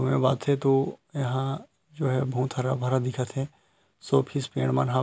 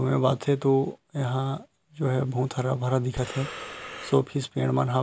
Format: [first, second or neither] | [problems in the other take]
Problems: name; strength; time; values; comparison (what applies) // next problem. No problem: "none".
first | background sound (Breathing); 13 dB below the speech